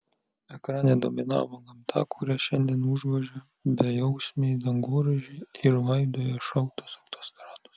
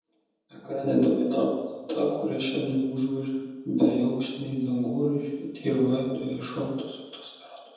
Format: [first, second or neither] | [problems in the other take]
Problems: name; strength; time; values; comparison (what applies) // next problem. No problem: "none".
first | room echo; dies away in 1.1 s